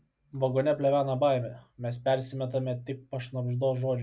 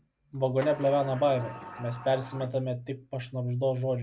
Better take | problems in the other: first | background sound (Sliding door); 15 dB below the speech

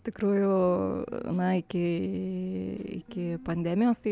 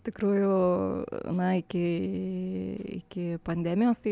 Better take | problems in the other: second | background sound (Guitar); 19 dB below the speech

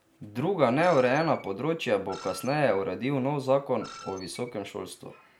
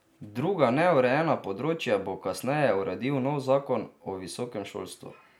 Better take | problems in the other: second | background sound (Screech); 19 dB below the speech

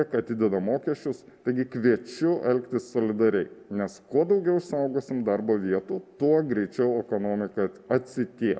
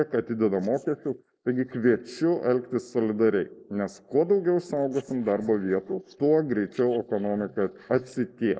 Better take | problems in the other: first | noise reduction (neural mask model Resemble Enhance denoiser)

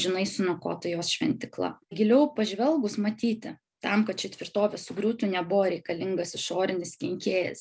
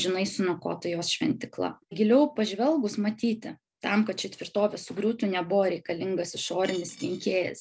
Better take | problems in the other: first | noise reduction (neural separator model SepFormer DNS4)

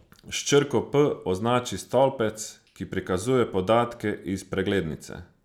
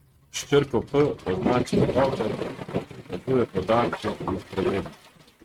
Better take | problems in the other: first | noise reduction (neural mask model RNNoise)

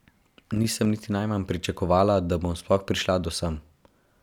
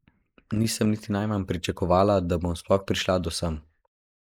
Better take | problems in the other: first | noise reduction (neural mask model Resemble Enhance denoiser)

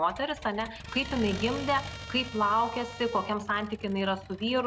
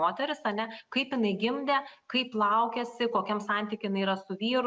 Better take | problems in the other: second | background sound (Accelerating, revving, vroom + Trumpet); 12 dB below the speech

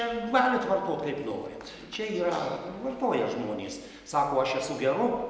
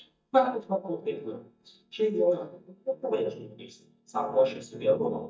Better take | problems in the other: first | noise reduction (neural mask model DeepFilterNet 3)

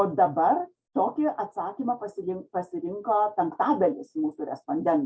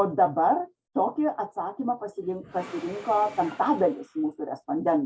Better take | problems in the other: first | background sound (Engine / Mechanisms); 20 dB below the speech

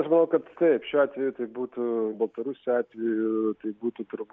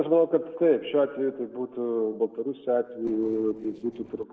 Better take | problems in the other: first | noise reduction (neural separator model SepFormer DNS4)

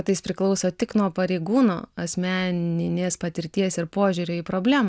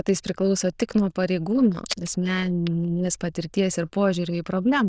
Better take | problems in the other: first | noise reduction (neural diffusion model UNIVERSE++)

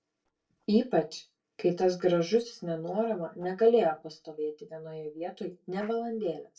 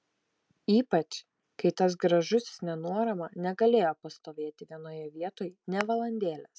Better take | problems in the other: second | noise reduction (neural separator model SepFormer DNS4)

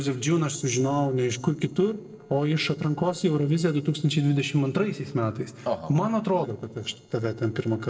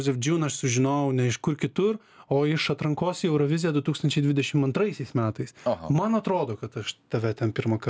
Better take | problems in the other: second | noise reduction (neural separator model SepFormer DNS4)

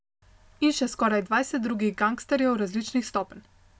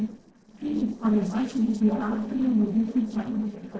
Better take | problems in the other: first | noise reduction (neural separator model SepFormer DNS4)

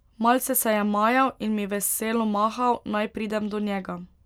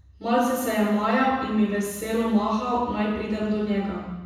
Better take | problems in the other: first | room echo; dies away in 1.1 s

